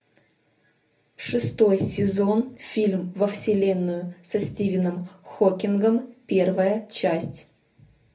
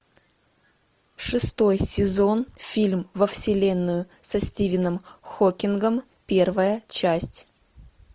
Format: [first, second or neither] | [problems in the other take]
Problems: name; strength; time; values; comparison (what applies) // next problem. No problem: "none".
second | room echo; dies away in 0.3 s